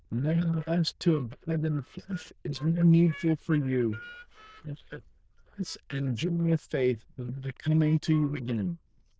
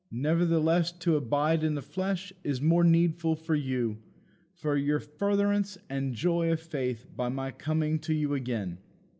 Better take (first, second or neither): second